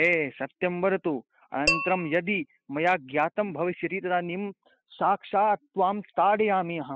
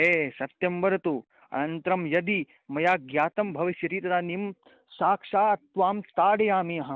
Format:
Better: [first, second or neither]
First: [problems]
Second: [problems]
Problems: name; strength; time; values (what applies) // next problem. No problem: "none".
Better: second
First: noise reduction (classical method spectral subtraction)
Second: none